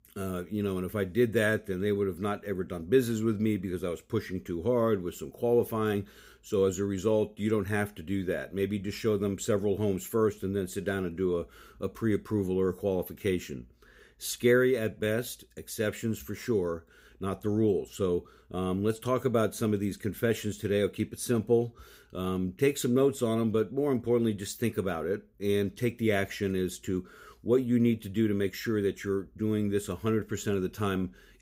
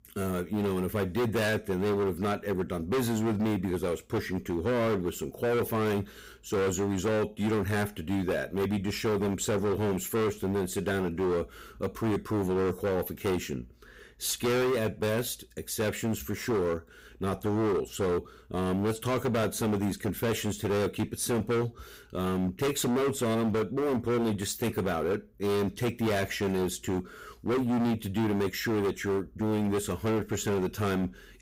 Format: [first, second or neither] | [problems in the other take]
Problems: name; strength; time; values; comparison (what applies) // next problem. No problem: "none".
first | distortion; heavy; 22% of the sound clipped